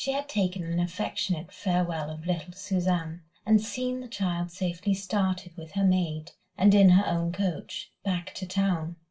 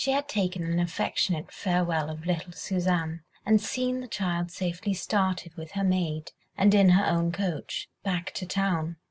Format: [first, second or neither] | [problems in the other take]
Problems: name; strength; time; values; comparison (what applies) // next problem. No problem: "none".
second | room echo; dies away in 0.2 s